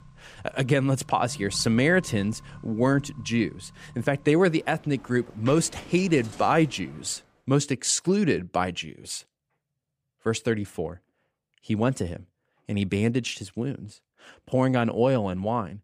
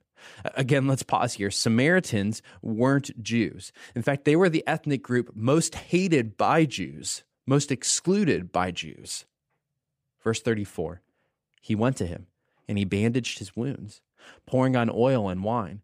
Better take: second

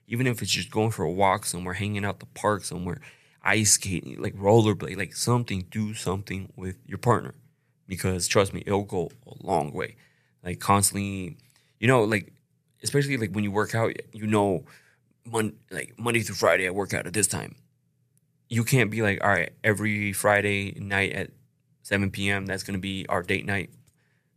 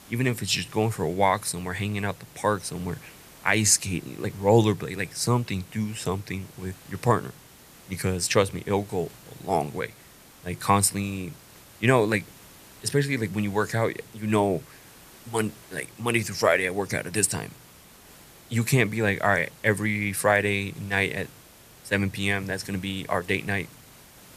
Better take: first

